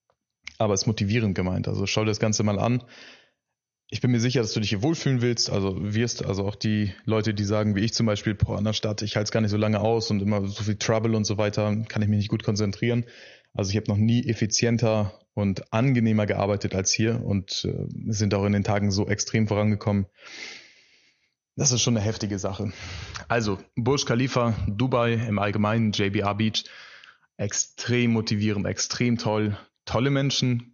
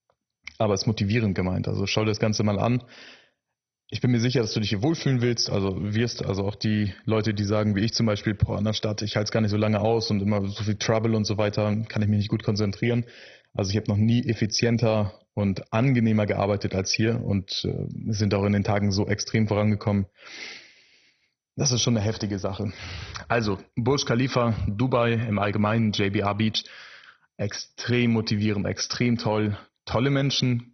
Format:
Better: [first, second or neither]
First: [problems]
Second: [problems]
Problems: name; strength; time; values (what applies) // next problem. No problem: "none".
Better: first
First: garbled, watery; slightly; nothing above 6.5 kHz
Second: garbled, watery; badly; nothing above 6 kHz